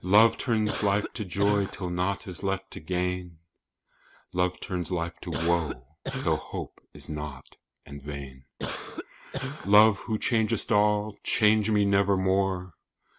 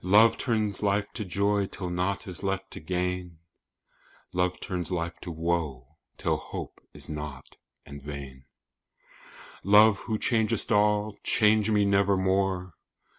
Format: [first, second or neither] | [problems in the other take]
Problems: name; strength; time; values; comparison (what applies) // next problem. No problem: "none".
second | background sound (Cough); 8 dB below the speech